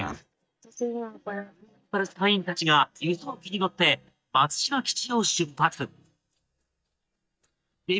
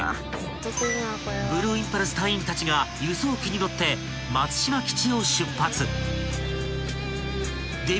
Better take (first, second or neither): second